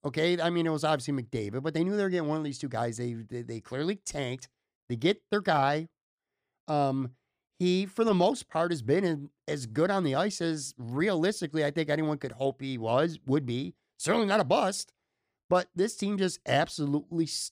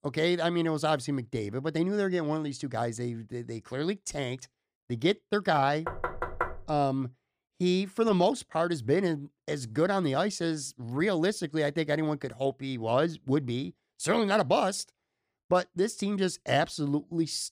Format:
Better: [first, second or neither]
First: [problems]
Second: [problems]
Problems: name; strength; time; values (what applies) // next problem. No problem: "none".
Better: first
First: none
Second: door banging; noticeable; at 6 s; peak 4 dB below the speech